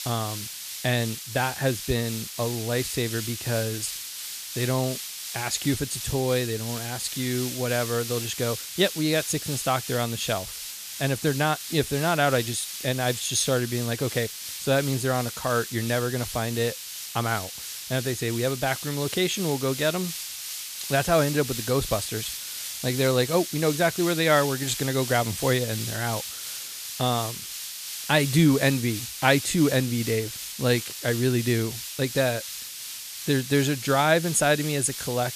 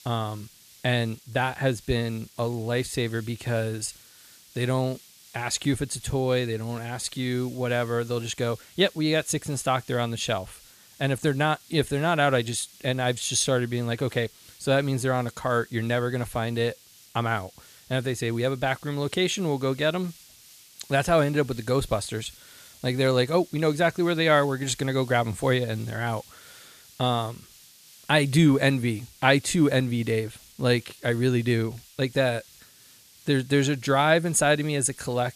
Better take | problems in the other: second | hiss; loud; throughout; 7 dB below the speech; faint in the second

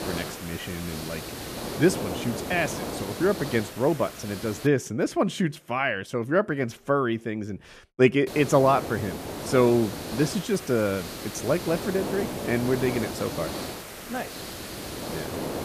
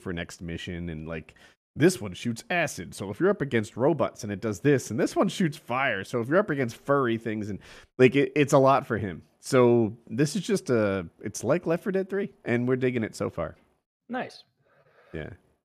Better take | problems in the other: second | hiss; loud; until 4.5 s and from 8.5 s on; 8 dB below the speech

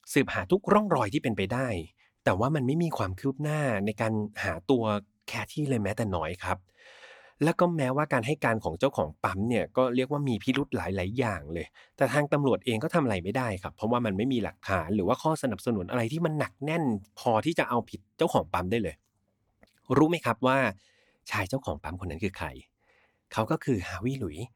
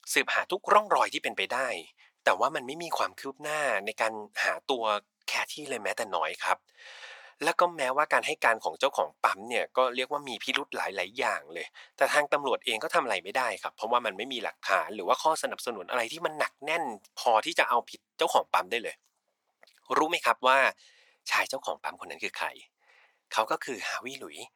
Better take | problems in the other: first | thin; very; fading below 750 Hz

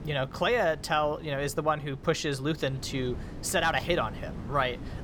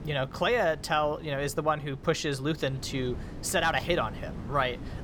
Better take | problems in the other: neither | wind noise on the microphone; occasional gusts; 20 dB below the speech; the same in both

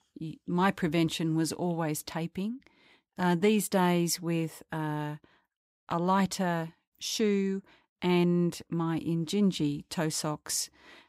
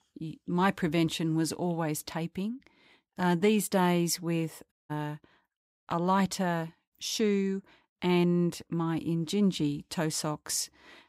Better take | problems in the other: first | audio cutting out; at 4.5 s

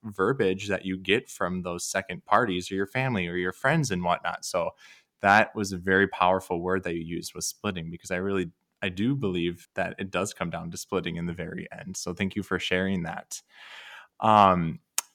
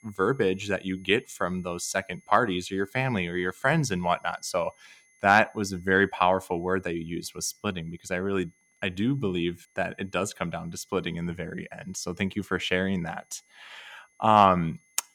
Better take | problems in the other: first | high-pitched whine; faint; throughout; 2 kHz, 35 dB below the speech

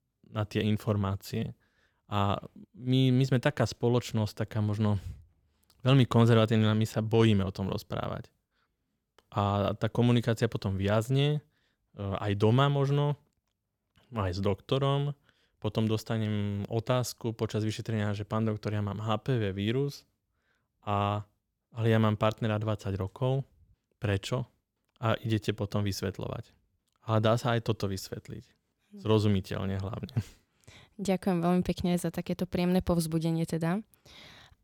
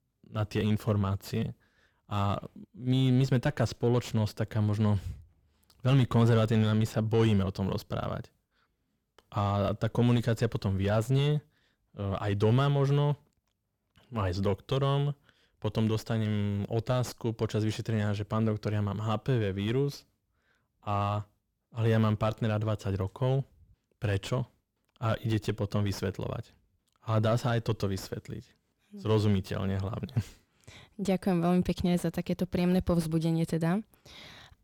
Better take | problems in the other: first | distortion; slight; 10 dB below the speech

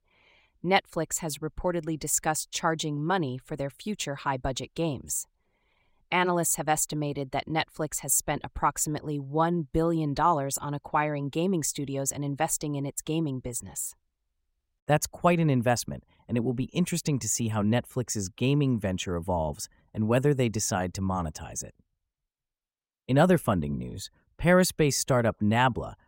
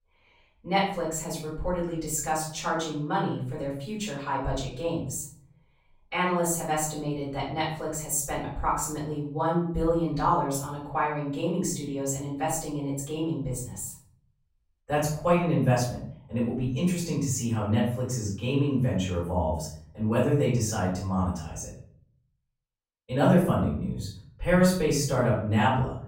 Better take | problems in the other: first | off-mic speech; far // room echo; noticeable; dies away in 0.5 s

